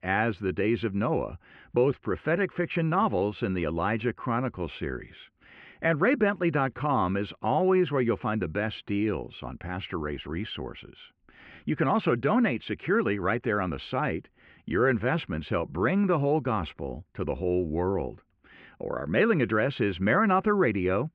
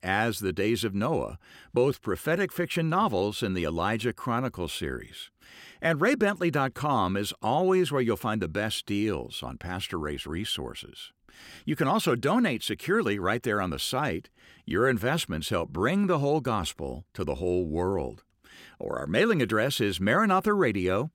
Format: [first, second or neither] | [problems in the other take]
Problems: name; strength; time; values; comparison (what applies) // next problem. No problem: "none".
second | muffled; very; fading above 2.5 kHz